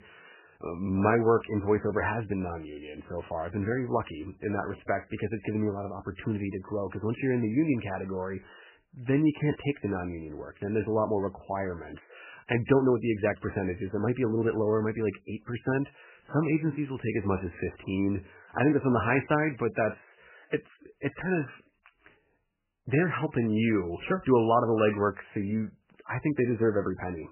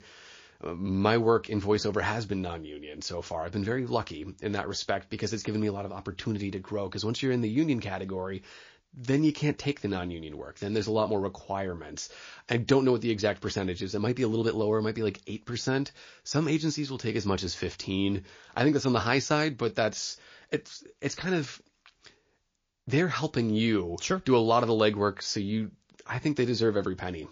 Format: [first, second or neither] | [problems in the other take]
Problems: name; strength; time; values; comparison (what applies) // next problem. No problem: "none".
second | garbled, watery; badly; nothing above 3 kHz; slightly in the second